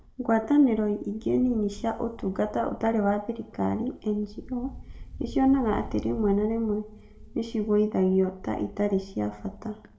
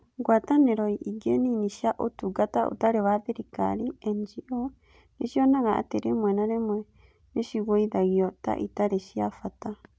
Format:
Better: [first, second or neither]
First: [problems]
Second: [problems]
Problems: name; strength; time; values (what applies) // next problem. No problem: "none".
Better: second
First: background sound (Wind); 17 dB below the speech // room echo; dies away in 0.6 s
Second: none